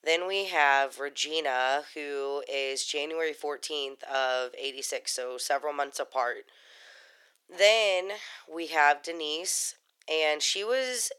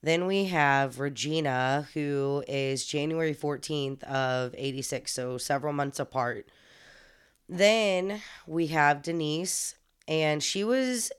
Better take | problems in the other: second | thin; very; fading below 450 Hz

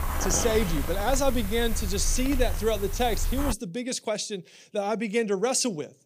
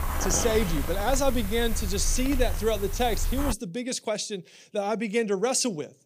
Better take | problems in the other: neither | hiss; loud; until 3.5 s; 5 dB below the speech; the same in both

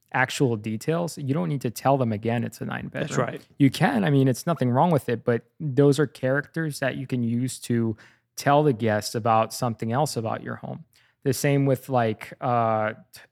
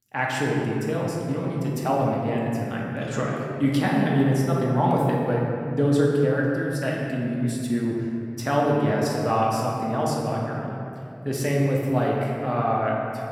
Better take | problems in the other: first | room echo; noticeable; dies away in 2.4 s // off-mic speech; far

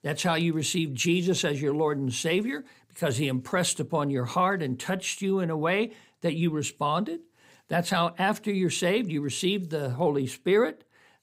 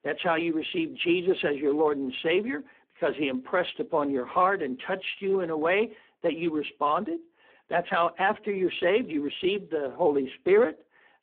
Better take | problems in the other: first | phone-call audio; poor line

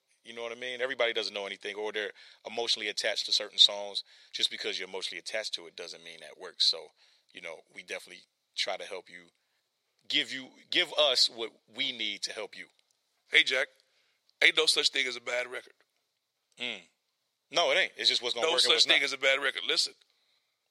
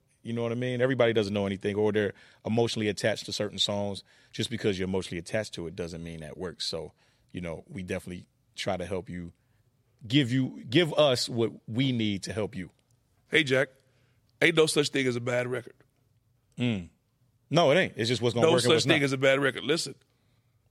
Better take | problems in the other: second | thin; very; fading below 650 Hz

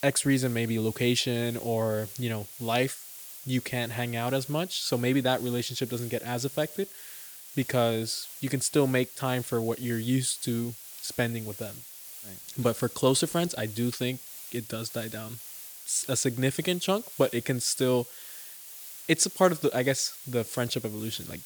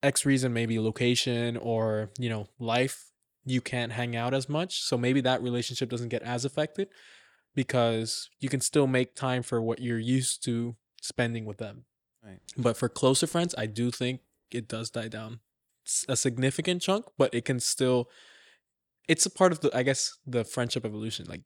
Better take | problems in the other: second | hiss; noticeable; throughout; 15 dB below the speech

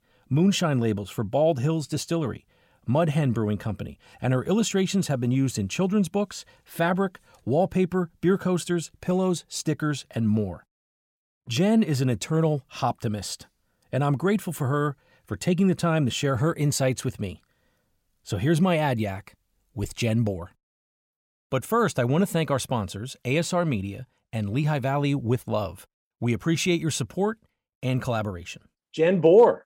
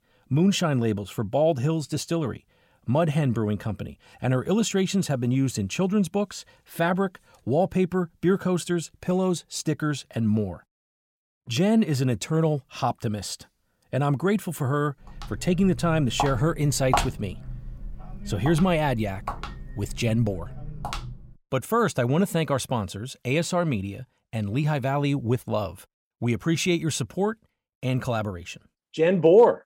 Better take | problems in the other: first | footsteps; noticeable; from 15 to 21 s; peak 1 dB below the speech

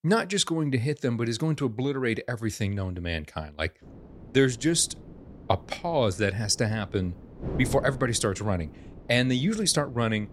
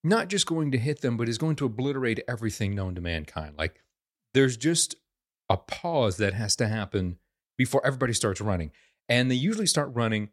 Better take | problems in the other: second | wind noise on the microphone; occasional gusts; from 4 s on; 20 dB below the speech

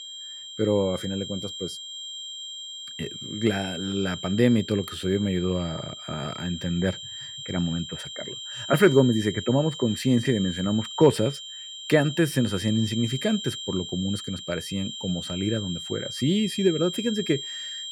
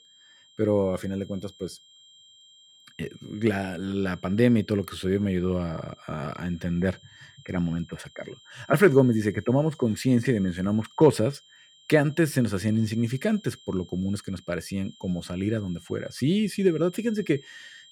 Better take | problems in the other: second | high-pitched whine; loud; throughout; 3 kHz, 9 dB below the speech; faint in the second

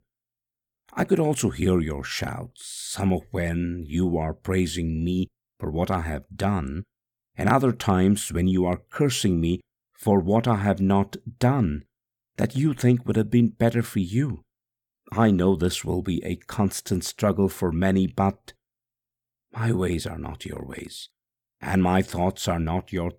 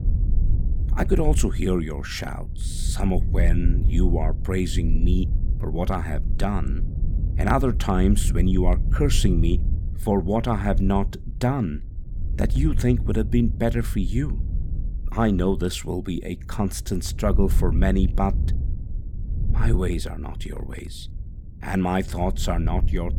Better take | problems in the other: first | wind noise on the microphone; occasional gusts; 15 dB below the speech

